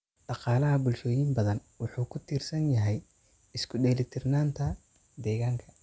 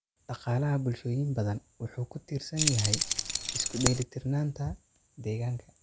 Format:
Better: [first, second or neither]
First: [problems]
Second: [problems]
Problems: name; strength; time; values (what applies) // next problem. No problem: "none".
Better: first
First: none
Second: background sound (Keys jangling); 2 dB above the speech